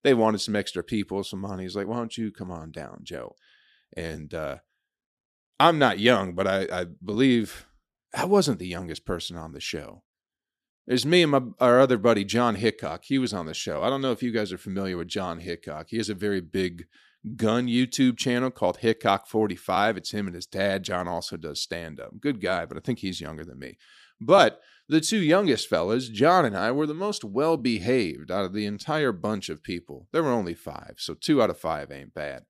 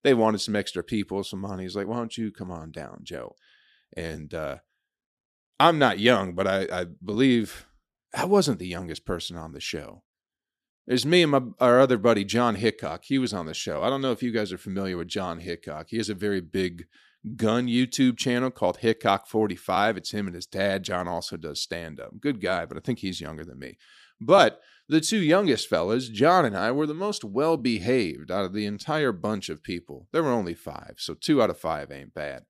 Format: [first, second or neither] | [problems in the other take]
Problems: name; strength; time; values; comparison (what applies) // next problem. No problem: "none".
neither | none